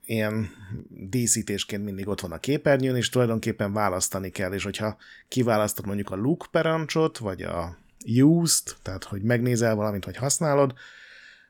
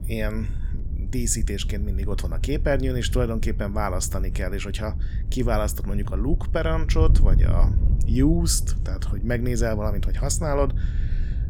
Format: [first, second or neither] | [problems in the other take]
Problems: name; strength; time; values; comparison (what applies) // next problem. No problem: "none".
first | wind noise on the microphone; occasional gusts; 15 dB below the speech